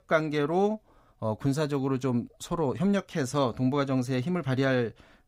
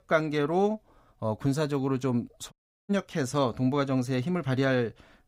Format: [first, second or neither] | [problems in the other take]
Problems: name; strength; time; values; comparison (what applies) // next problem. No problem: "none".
first | audio cutting out; at 2.5 s